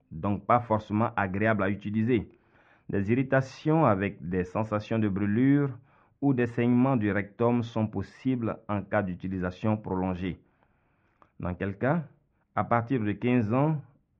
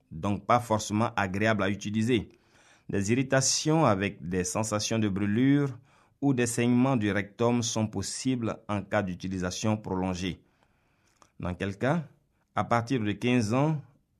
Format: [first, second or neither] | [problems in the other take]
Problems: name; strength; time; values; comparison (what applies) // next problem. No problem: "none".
second | muffled; very; fading above 2 kHz